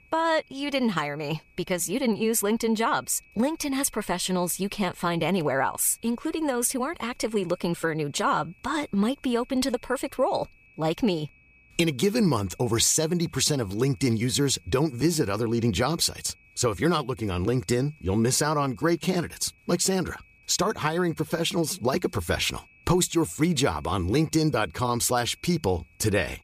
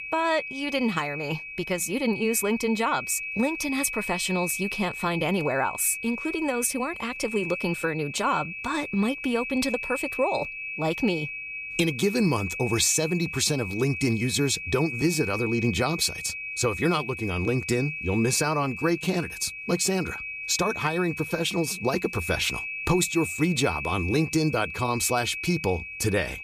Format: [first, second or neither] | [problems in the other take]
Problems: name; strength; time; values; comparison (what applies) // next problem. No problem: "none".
first | high-pitched whine; loud; throughout; 2.5 kHz, 6 dB below the speech; faint in the first